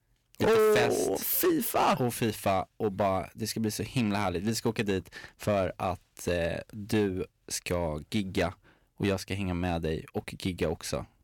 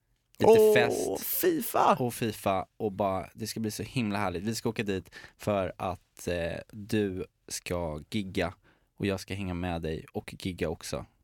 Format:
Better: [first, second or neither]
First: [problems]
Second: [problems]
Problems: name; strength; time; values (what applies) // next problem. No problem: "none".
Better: second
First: distortion; heavy; 5% of the sound clipped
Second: none